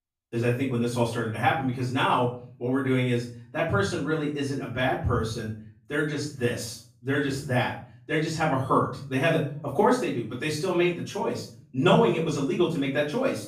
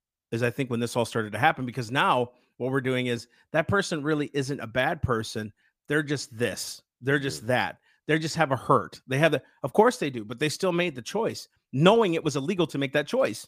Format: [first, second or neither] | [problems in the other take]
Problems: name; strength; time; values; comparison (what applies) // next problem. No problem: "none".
second | off-mic speech; far // room echo; noticeable; dies away in 0.5 s